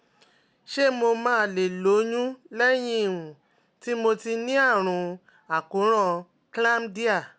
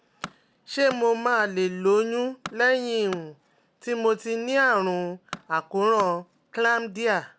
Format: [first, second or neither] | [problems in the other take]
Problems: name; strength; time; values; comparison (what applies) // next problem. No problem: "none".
first | background sound (Tools); 20 dB below the speech